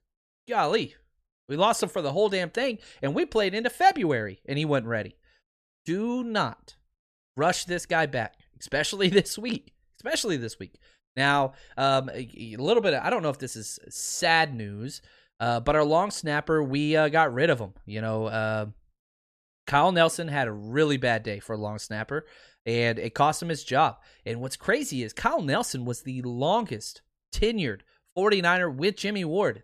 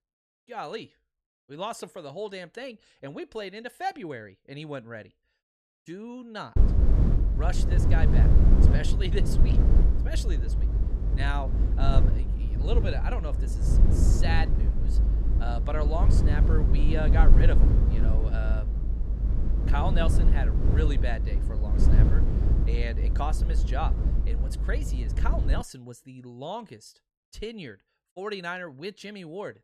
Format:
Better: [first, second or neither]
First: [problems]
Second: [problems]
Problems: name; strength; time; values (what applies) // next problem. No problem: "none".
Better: first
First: none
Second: low rumble; loud; from 6.5 to 26 s; 4 dB below the speech